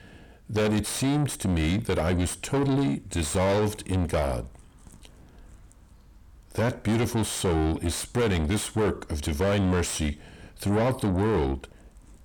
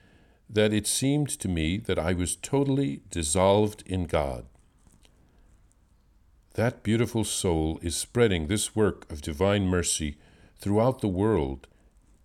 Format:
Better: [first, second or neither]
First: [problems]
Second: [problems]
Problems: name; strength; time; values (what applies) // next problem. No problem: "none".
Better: second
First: distortion; heavy; 6 dB below the speech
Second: none